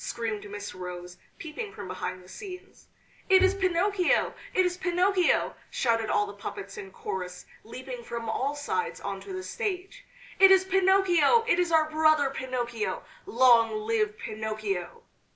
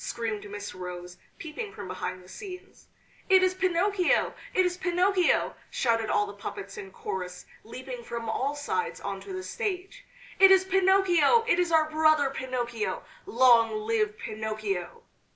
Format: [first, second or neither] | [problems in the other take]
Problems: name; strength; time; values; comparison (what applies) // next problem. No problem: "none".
second | background sound (Bowed string instrument); 9 dB below the speech